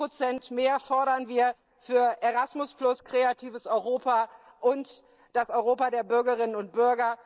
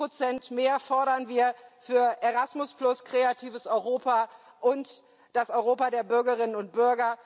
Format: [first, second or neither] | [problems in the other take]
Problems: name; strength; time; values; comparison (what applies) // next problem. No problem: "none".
second | noise reduction (neural mask model Resemble Enhance denoiser)